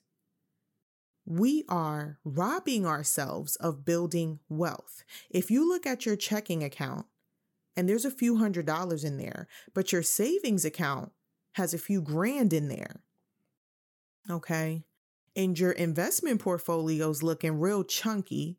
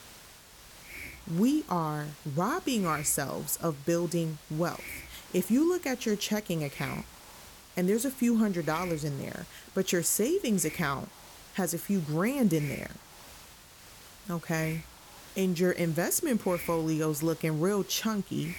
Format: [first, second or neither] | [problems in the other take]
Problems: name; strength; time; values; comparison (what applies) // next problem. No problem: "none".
first | hiss; noticeable; throughout; 15 dB below the speech